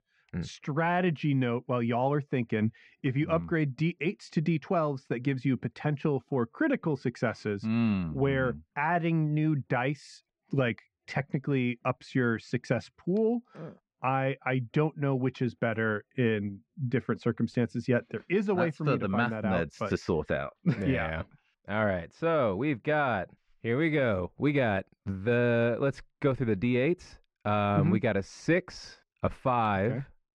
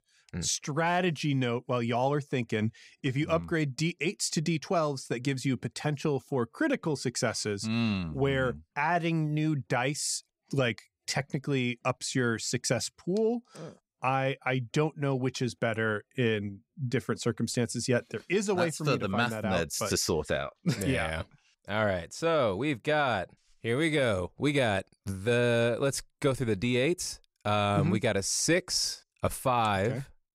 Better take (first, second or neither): second